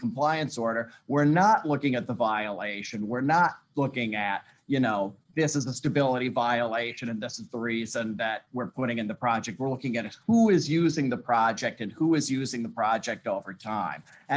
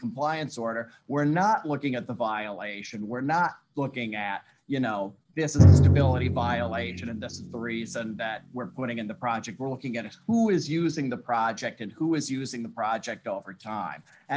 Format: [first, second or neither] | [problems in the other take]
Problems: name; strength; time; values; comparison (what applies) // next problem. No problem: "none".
first | background sound (Drum); as loud as the speech